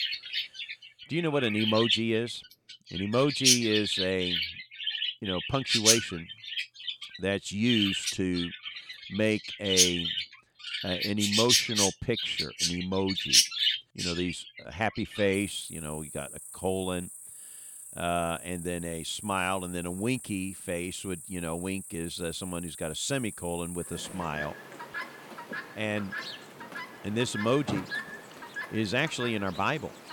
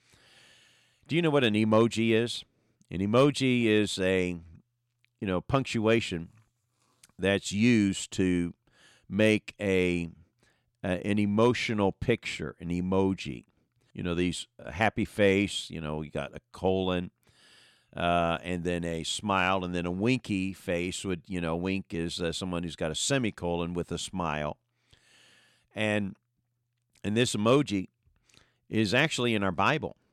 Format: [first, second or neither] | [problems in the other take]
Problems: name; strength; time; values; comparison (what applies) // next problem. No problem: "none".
second | animal sounds; very loud; throughout; 2 dB above the speech